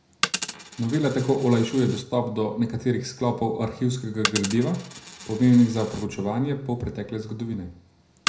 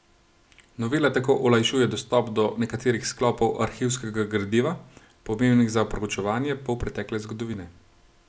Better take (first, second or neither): second